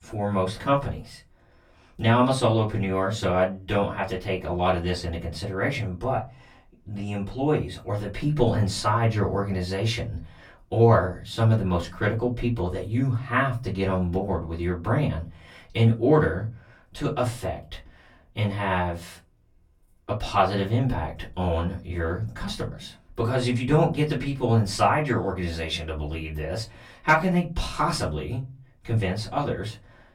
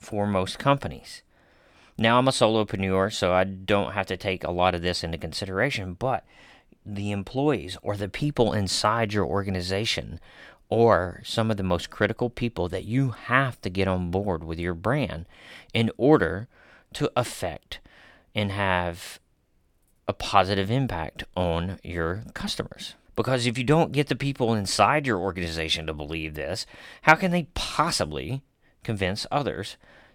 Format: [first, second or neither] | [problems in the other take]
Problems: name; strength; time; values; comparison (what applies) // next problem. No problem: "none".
second | off-mic speech; far // room echo; very slight; dies away in 0.3 s